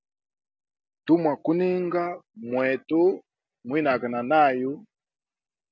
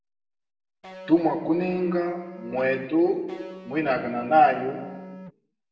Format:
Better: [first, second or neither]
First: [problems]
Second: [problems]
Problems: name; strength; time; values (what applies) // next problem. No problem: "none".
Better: first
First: none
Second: background sound (Electric guitar); 17 dB below the speech // room echo; dies away in 1 s